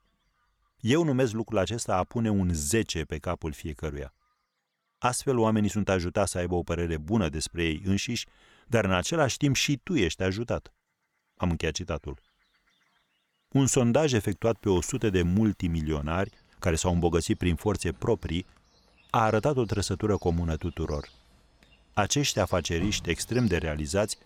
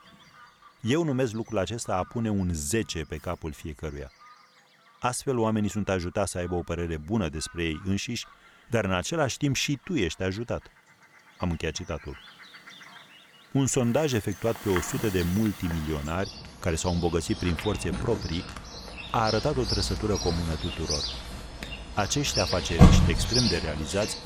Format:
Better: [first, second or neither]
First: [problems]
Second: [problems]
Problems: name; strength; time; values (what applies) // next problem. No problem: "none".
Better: first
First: animal sounds; faint; throughout; 25 dB below the speech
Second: animal sounds; loud; throughout; 1 dB below the speech